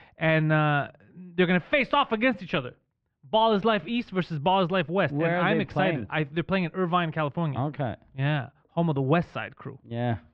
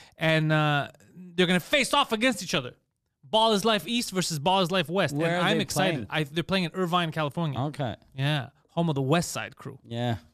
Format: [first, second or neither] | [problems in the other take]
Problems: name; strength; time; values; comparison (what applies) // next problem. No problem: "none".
second | muffled; very; fading above 2.5 kHz